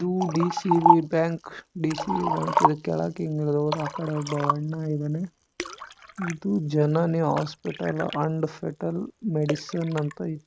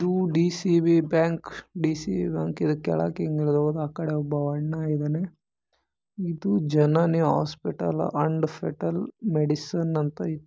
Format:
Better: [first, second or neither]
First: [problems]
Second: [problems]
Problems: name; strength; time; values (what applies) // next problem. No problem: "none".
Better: second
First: noise reduction (neural mask model RNNoise)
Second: none